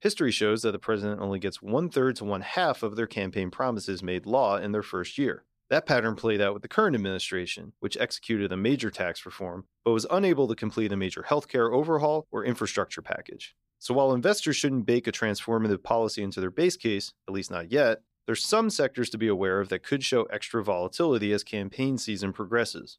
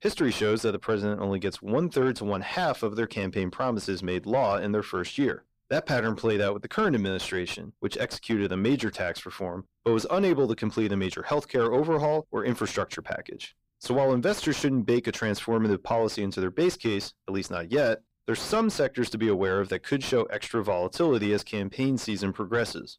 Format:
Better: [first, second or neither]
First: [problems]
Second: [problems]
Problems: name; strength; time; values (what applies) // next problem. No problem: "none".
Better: first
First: none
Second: distortion; slight; 10 dB below the speech